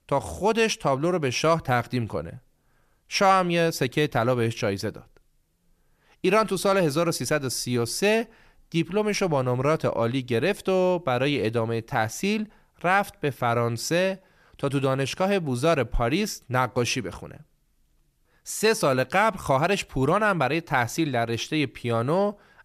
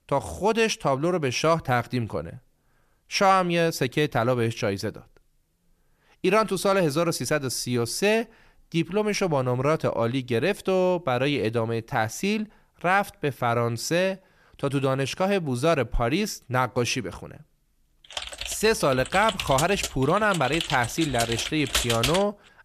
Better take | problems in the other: first | keyboard typing; loud; from 18 s on; peak 1 dB above the speech

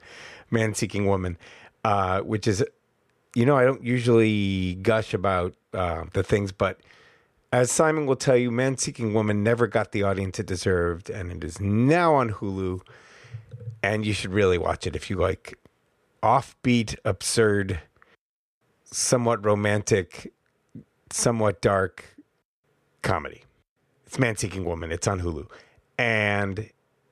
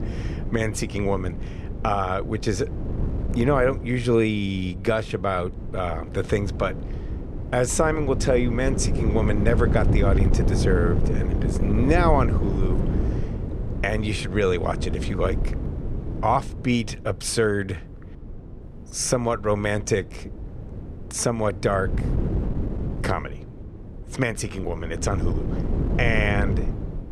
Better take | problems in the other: first | wind noise on the microphone; occasional gusts; 10 dB below the speech

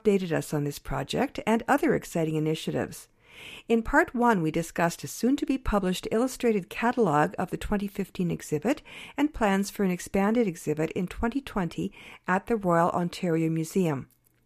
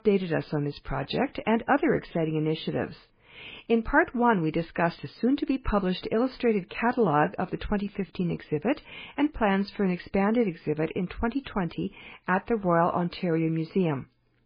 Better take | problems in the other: first | garbled, watery; badly; nothing above 4 kHz

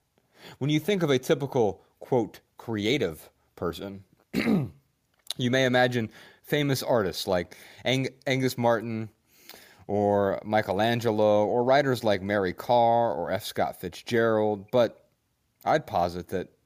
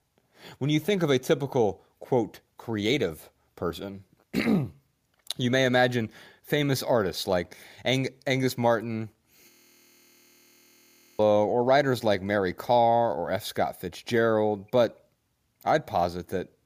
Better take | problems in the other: first | audio freezing; at 9.5 s for 1.5 s

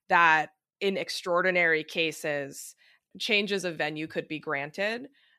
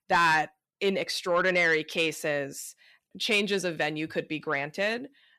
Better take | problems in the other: first | distortion; slight; 10 dB below the speech

